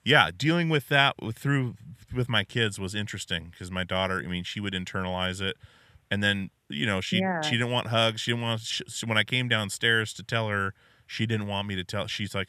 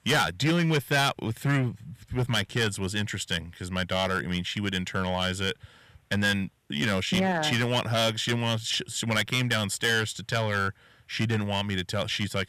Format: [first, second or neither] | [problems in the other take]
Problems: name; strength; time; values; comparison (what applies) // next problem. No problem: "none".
first | distortion; heavy; 7% of the sound clipped